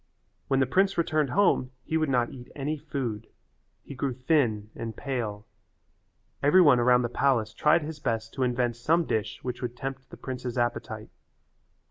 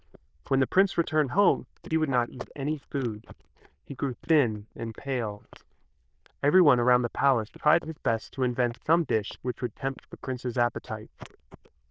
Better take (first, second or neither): first